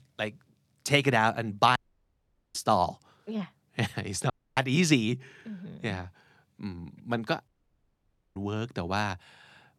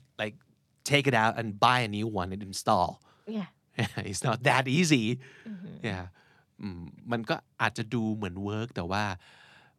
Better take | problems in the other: second | audio cutting out; at 2 s for 1 s, at 4.5 s and at 7.5 s for 1 s

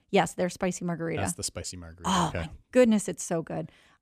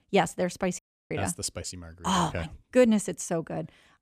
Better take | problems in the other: first | audio cutting out; at 1 s

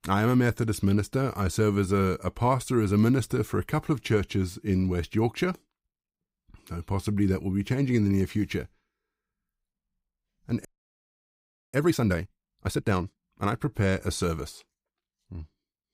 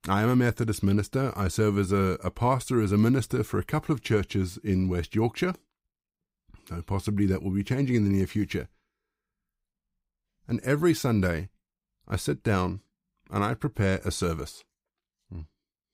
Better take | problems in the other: second | audio freezing; at 11 s for 1 s

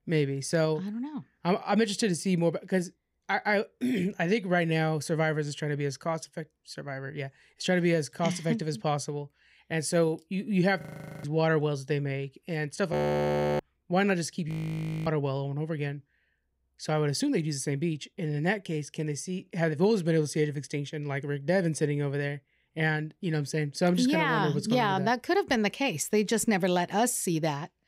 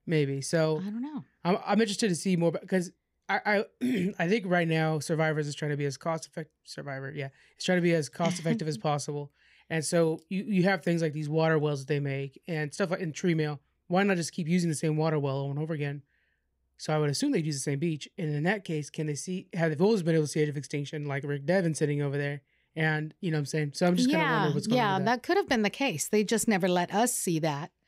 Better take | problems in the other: second | audio freezing; at 11 s, at 13 s for 0.5 s and at 14 s for 0.5 s

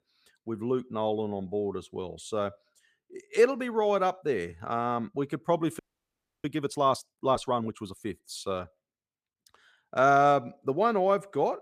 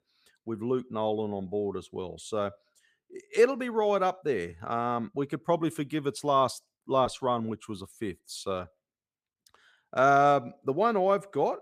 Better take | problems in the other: second | audio freezing; at 6 s for 0.5 s

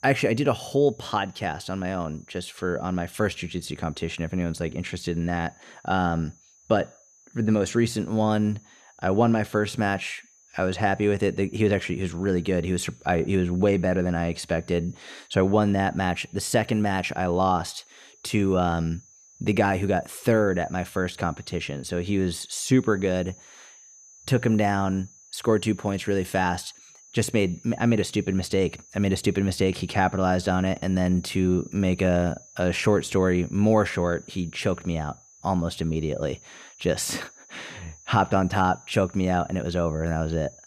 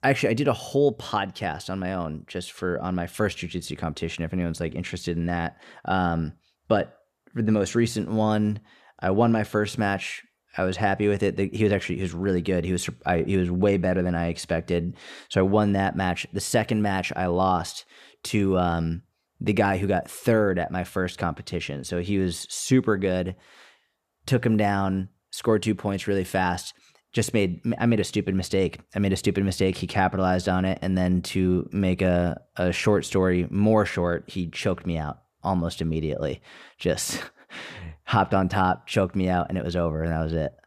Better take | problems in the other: second | high-pitched whine; faint; throughout; 6 kHz, 25 dB below the speech

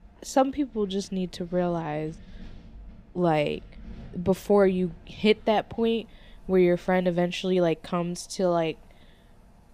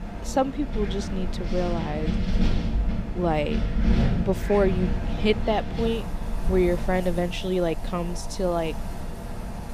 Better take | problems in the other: first | wind in the background; loud; throughout; 3 dB below the speech; faint in the first

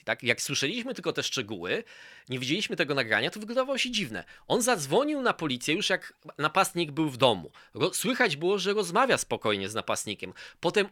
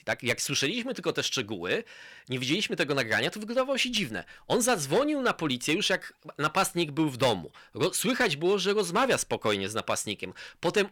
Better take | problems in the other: first | distortion; slight; 3% of the sound clipped

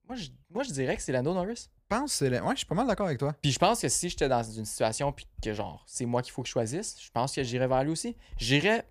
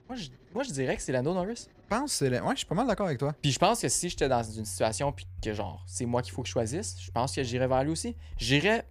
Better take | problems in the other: first | household noises; noticeable; throughout; 15 dB below the speech

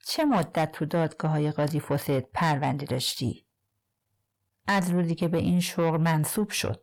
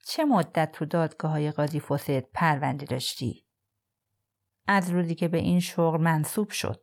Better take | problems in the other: second | distortion; slight; 10 dB below the speech

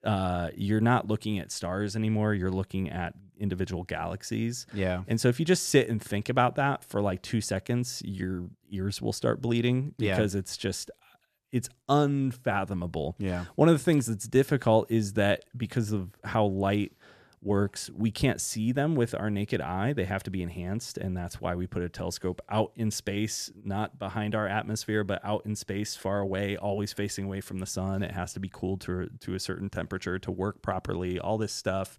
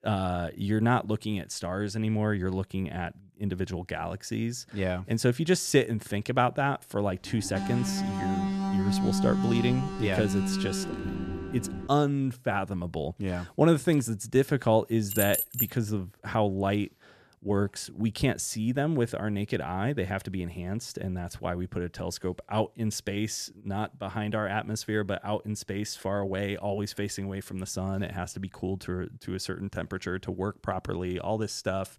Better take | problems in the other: first | alarm; loud; from 7.5 to 12 s; peak 2 dB above the speech // jangling keys; loud; at 15 s; peak 2 dB above the speech

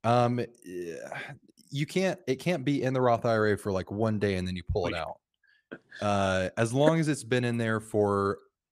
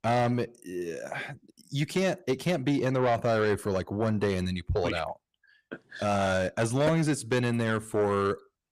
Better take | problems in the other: first | distortion; slight; 10 dB below the speech

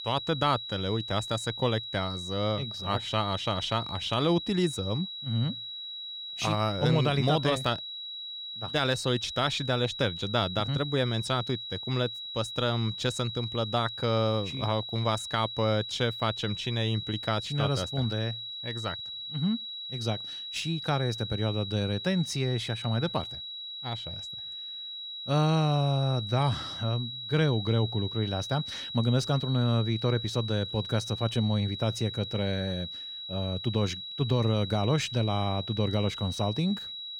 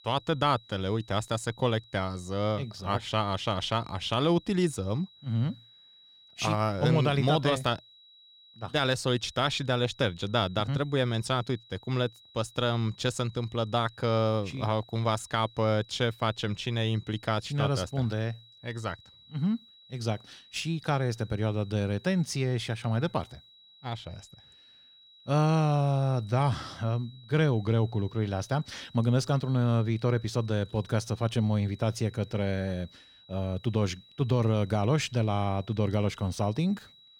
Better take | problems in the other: second | high-pitched whine; loud; throughout; 4 kHz, 7 dB below the speech; faint in the second

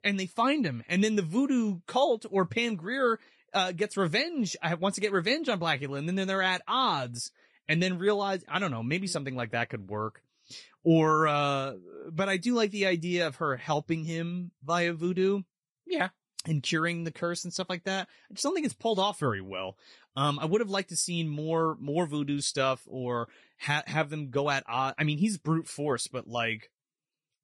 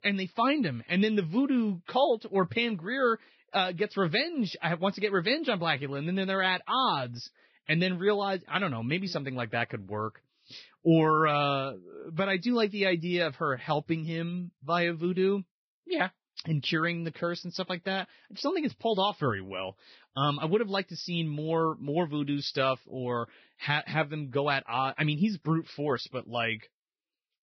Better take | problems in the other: first | garbled, watery; badly; nothing above 5.5 kHz; slightly in the first

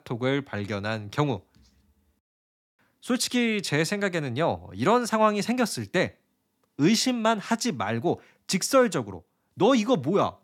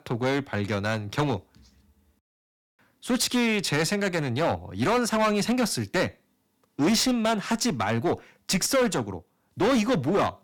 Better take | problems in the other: first | distortion; heavy; 11% of the sound clipped

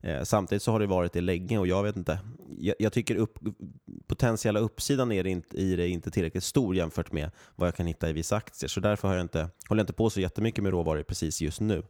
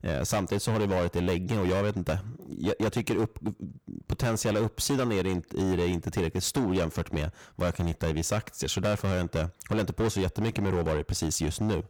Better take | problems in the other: first | distortion; heavy; 16% of the sound clipped

